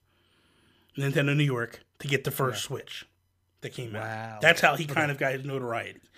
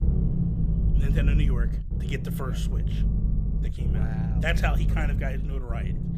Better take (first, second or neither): first